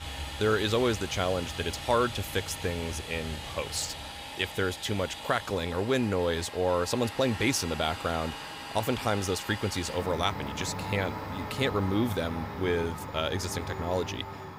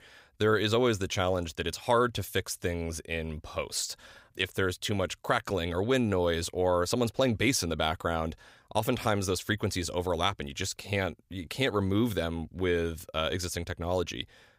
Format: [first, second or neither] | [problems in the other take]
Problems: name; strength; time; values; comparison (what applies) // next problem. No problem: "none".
second | household noises; loud; throughout; 8 dB below the speech